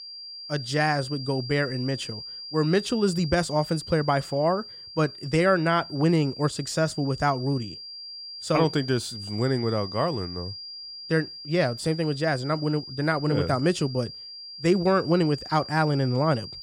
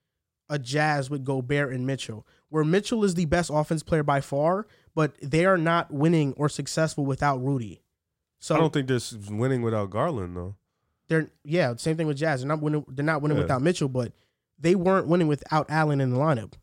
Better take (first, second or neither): second